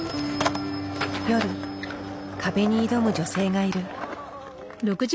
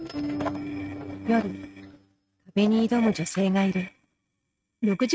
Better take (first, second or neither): first